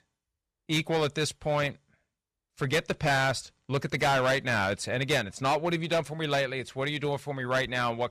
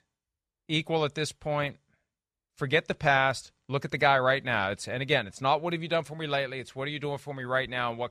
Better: second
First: distortion; heavy; 8% of the sound clipped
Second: none

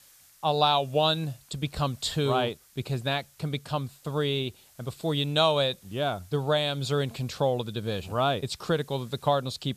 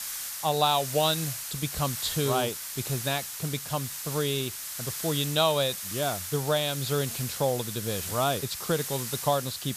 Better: first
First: hiss; faint; throughout; 25 dB below the speech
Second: hiss; loud; throughout; 5 dB below the speech

